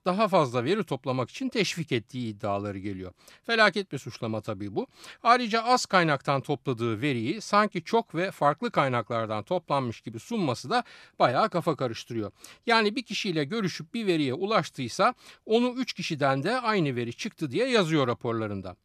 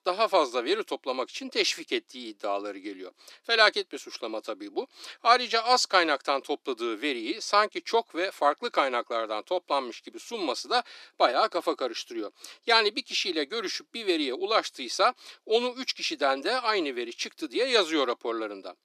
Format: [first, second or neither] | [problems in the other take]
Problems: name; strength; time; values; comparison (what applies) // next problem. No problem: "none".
first | thin; somewhat; fading below 300 Hz